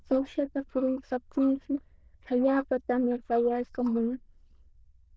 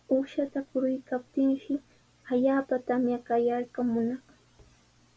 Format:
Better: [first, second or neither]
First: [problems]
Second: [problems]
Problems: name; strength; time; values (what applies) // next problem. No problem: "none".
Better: second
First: noise reduction (neural diffusion model UNIVERSE++)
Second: none